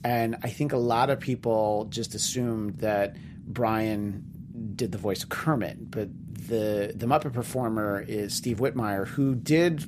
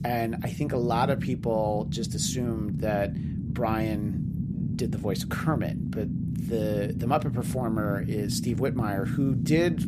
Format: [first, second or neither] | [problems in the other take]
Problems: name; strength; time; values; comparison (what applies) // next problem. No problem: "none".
first | low rumble; loud; throughout; 9 dB below the speech; faint in the first